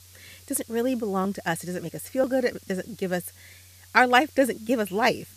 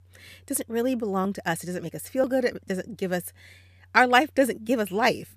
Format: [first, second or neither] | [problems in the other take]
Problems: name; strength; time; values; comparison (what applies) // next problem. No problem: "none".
second | hiss; faint; throughout; 25 dB below the speech